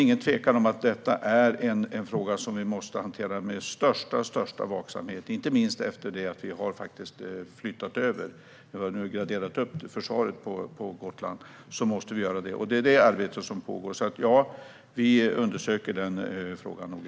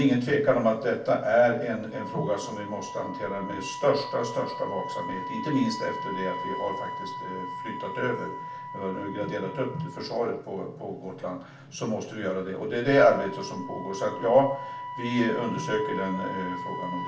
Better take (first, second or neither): first